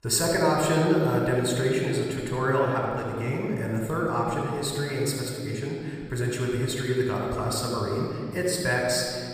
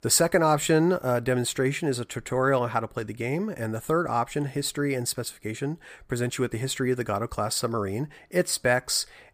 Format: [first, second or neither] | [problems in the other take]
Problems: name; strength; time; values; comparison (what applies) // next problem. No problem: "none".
second | off-mic speech; somewhat distant // room echo; noticeable; dies away in 2.1 s